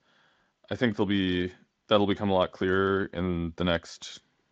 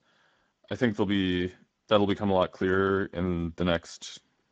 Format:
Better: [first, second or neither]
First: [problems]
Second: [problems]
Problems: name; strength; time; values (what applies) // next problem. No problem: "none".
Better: first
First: garbled, watery; slightly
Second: garbled, watery; badly; nothing above 7.5 kHz